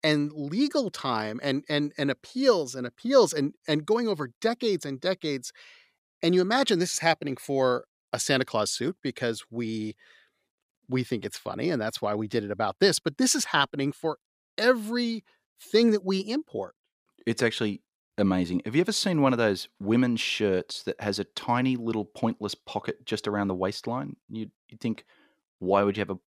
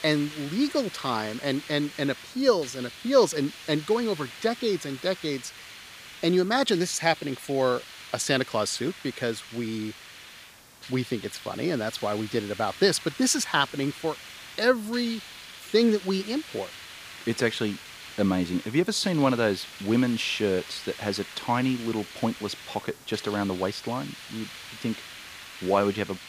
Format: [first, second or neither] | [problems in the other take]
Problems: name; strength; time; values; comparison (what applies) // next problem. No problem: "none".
first | hiss; noticeable; throughout; 15 dB below the speech